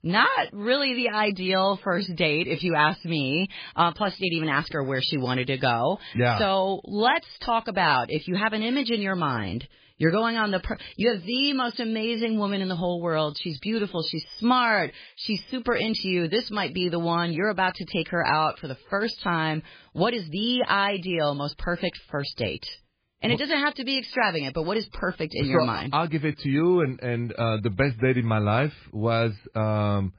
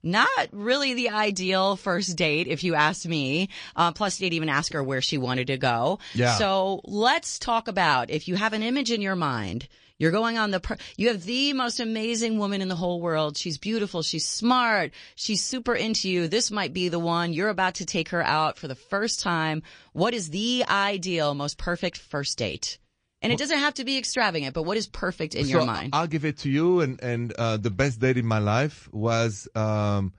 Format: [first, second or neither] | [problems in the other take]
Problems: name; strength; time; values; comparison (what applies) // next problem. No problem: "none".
second | garbled, watery; badly; nothing above 5 kHz; slightly in the second